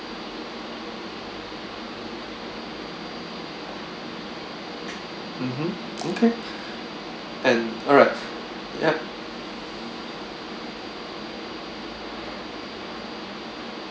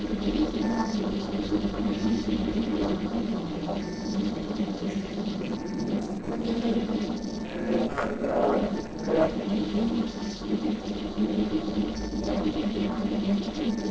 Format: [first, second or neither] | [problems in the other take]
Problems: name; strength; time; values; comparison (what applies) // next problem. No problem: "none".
first | noise reduction (neural separator model SepFormer DNS4)